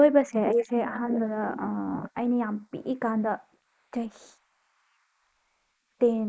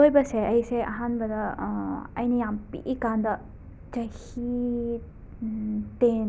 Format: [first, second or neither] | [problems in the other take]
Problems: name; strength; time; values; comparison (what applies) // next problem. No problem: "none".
second | noise reduction (neural mask model Resemble Enhance denoiser)